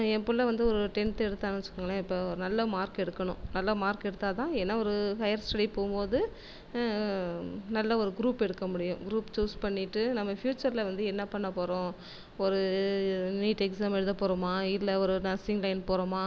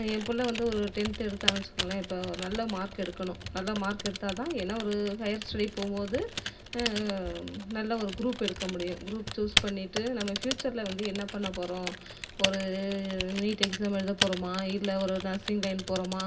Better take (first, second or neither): first